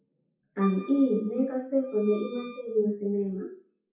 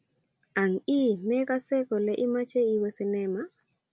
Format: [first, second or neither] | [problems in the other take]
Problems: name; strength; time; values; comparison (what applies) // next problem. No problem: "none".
second | noise reduction (classical method WPE with log-MMSE)